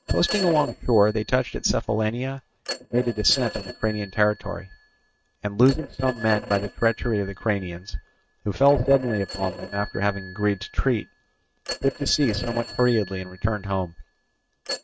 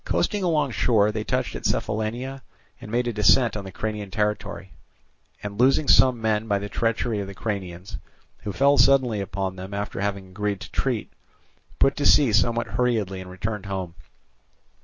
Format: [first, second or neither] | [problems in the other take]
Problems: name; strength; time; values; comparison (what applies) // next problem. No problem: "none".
second | noise reduction (neural mask model RNNoise)